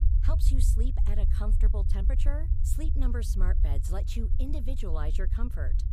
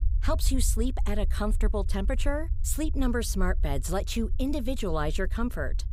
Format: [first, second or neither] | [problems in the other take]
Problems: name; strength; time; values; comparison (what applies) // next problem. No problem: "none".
second | low rumble; loud; throughout; 6 dB below the speech; faint in the second